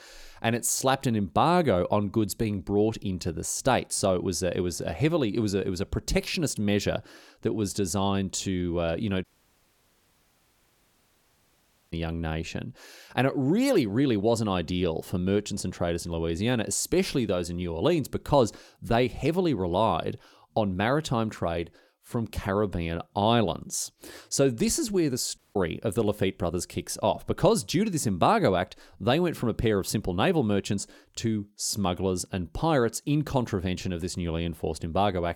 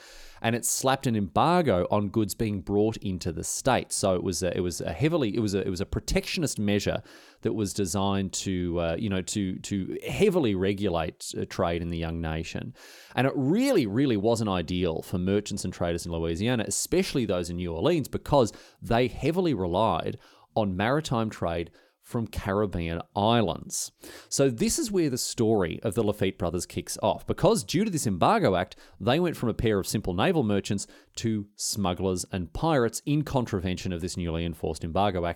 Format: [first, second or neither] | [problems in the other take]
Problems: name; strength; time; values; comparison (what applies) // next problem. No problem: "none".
second | audio cutting out; at 9 s for 2.5 s and at 25 s